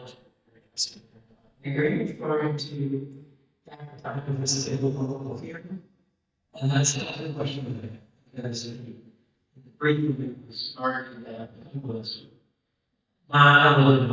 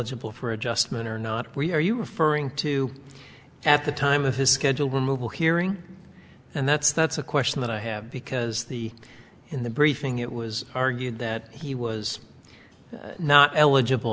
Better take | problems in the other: second | noise reduction (neural mask model DeepFilterNet 3)

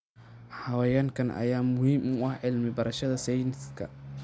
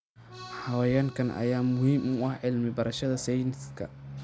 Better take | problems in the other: first | background sound (Accordion); 19 dB below the speech

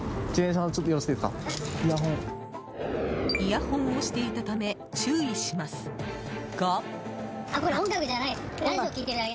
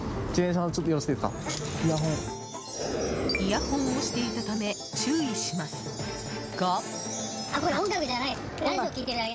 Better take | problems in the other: first | background sound (Wind chime); 13 dB below the speech

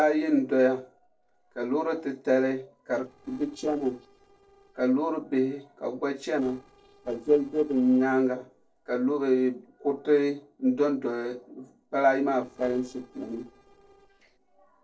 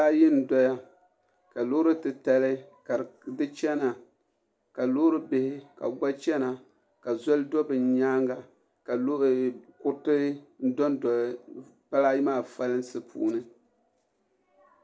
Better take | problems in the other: second | noise reduction (neural separator model SepFormer DNS4)

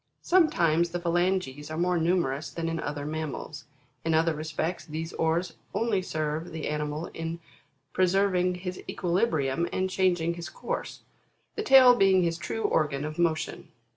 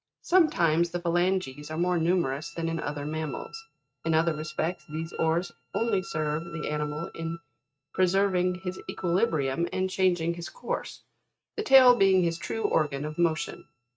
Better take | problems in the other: first | noise reduction (neural mask model RNNoise)

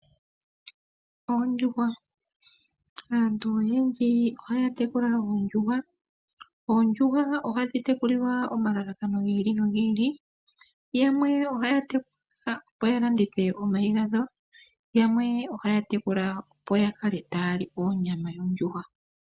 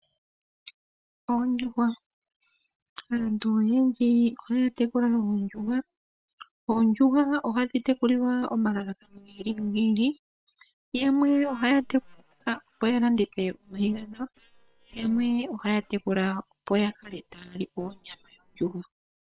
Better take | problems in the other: first | noise reduction (neural separator model SepFormer WHAM!)

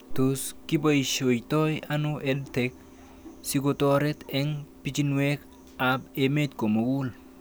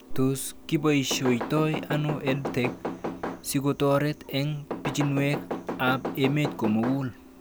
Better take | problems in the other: first | background sound (Knock / Wood); 7 dB below the speech

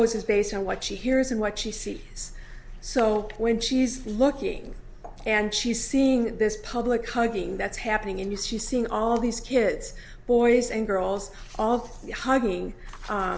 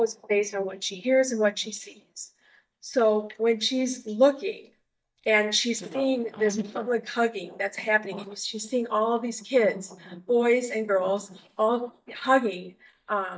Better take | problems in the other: first | noise reduction (neural mask model DeepFilterNet 3)

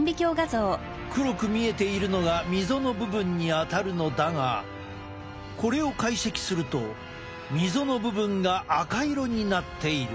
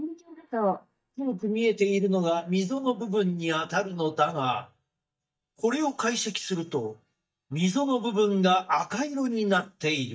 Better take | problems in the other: first | noise reduction (neural mask model DeepFilterNet 3)

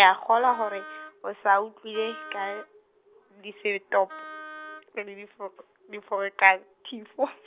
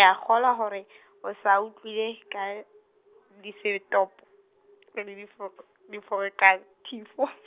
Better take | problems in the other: second | background sound (Wind instrument, woodwind instrument); 16 dB below the speech

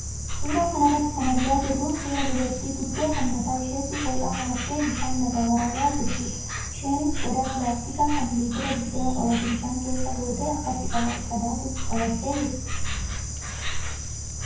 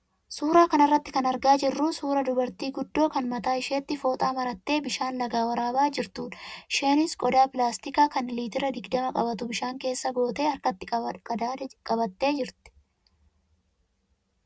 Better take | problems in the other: second | background sound (Insect); 2 dB below the speech // room echo; dies away in 0.9 s

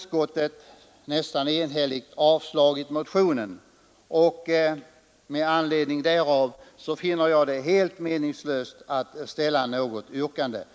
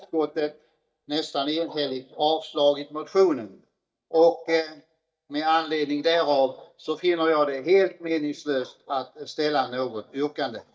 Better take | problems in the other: first | noise reduction (neural mask model DeepFilterNet 3)

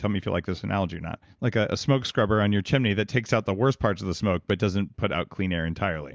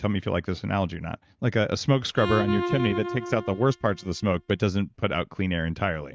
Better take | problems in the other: first | noise reduction (neural mask model RNNoise)

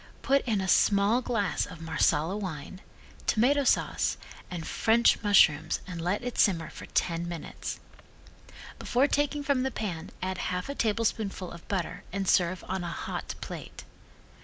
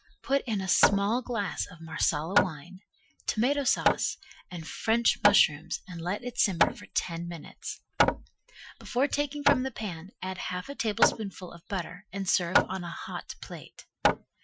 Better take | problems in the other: first | noise reduction (classical method Wiener filter)

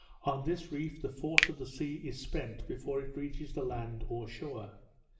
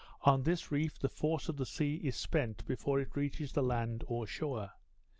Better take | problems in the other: second | background sound (Finger snapping); 1 dB above the speech // room echo; dies away in 0.7 s

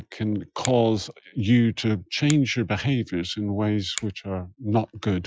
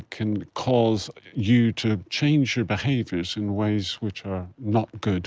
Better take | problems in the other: second | noise reduction (classical method Wiener filter)

